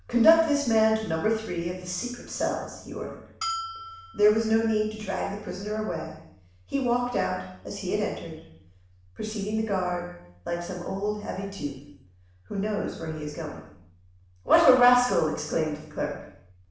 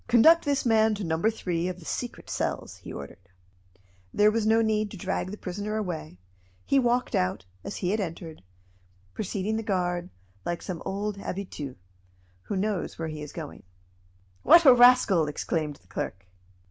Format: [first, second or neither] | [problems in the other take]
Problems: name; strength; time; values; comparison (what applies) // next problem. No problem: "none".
second | background sound (Bell); 11 dB below the speech // room echo; dies away in 0.7 s